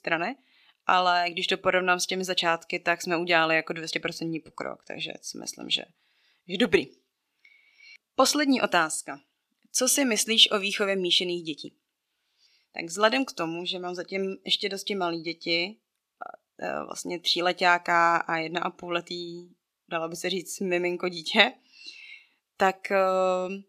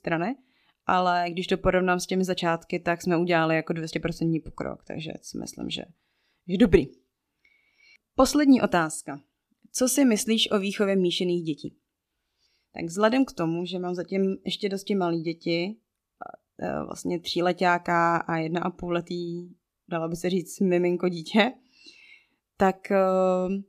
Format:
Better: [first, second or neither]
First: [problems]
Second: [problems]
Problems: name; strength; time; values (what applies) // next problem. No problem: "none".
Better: second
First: thin; very slightly; fading below 600 Hz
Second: none